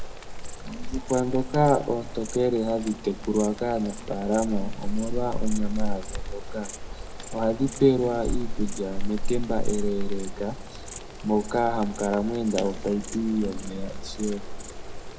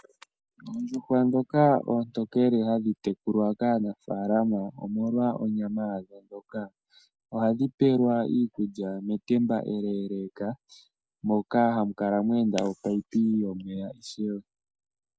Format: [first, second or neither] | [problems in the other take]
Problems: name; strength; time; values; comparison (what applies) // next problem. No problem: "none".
second | background sound (Insect); 2 dB below the speech // room echo; dies away in 0.9 s